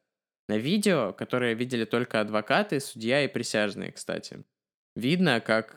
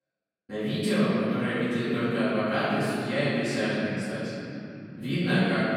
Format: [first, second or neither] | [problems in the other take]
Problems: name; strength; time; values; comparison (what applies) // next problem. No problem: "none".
first | off-mic speech; far // room echo; strong; dies away in 3 s